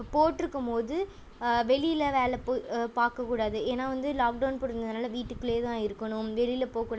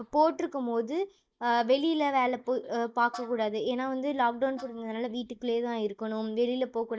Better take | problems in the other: first | noise reduction (neural mask model DeepFilterNet 3)

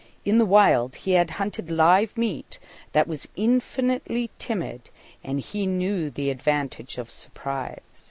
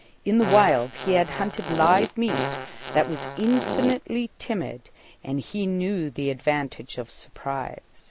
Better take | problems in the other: first | background sound (Fart); 5 dB below the speech

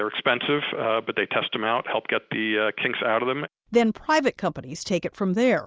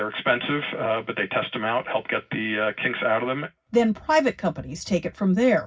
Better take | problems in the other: first | room echo; dies away in 0.4 s

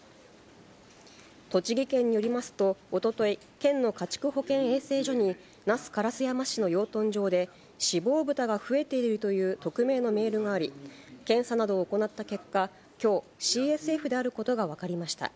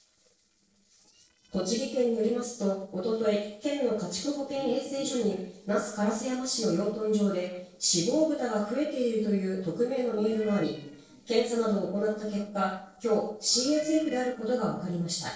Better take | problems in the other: first | noise reduction (neural separator model SepFormer DNS4)

